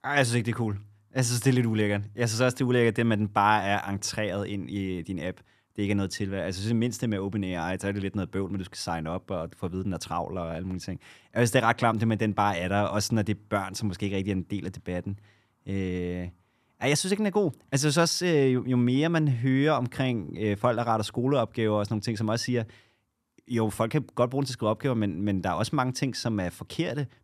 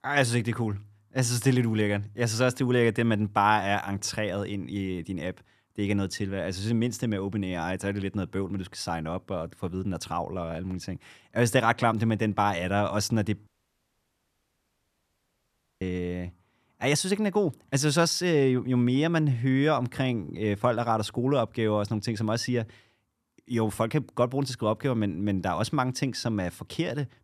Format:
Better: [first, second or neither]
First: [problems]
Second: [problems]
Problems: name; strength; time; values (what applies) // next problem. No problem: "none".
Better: first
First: none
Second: audio cutting out; at 13 s for 2.5 s